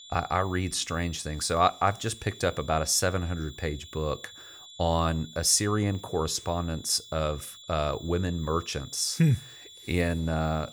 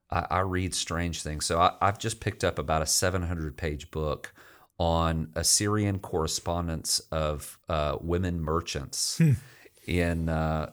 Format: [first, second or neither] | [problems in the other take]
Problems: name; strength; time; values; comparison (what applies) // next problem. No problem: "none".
second | high-pitched whine; noticeable; throughout; 3.5 kHz, 20 dB below the speech